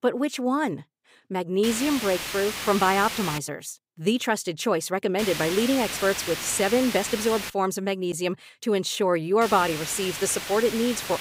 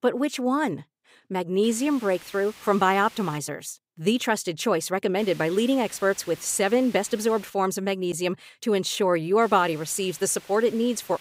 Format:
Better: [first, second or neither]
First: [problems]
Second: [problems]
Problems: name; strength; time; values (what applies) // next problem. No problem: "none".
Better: second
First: hiss; loud; from 1.5 to 3.5 s, from 5 to 7.5 s and from 9.5 s on; 6 dB below the speech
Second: hiss; faint; from 1.5 to 3.5 s, from 5 to 7.5 s and from 9.5 s on; 20 dB below the speech